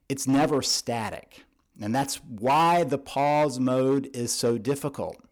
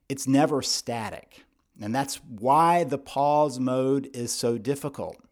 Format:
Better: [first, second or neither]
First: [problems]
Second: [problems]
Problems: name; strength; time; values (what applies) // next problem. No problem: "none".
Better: second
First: distortion; slight; 7% of the sound clipped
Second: none